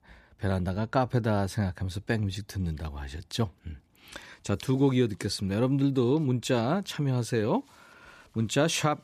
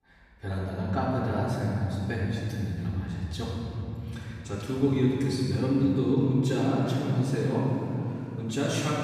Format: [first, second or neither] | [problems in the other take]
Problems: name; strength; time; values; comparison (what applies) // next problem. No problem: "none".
first | off-mic speech; far // room echo; strong; dies away in 3 s